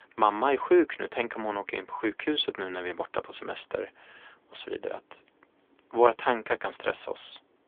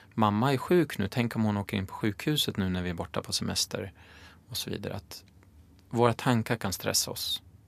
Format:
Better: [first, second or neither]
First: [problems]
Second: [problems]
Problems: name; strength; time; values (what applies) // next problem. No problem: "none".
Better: second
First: phone-call audio; nothing above 3.5 kHz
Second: none